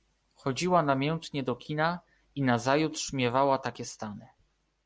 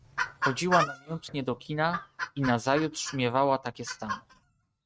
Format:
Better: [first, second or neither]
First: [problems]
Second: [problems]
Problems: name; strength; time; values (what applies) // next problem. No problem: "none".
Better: first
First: none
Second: noise reduction (neural mask model RNNoise)